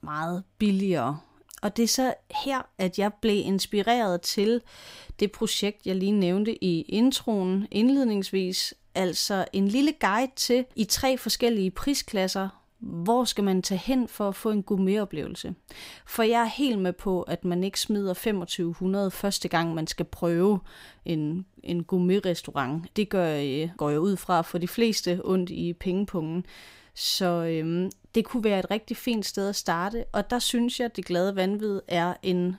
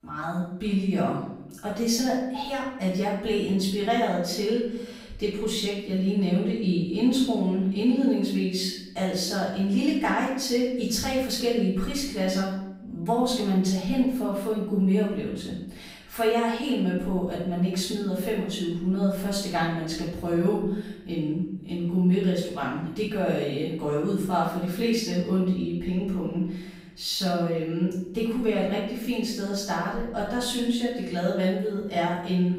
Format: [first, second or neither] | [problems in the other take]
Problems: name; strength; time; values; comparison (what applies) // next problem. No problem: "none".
first | off-mic speech; far // room echo; noticeable; dies away in 0.7 s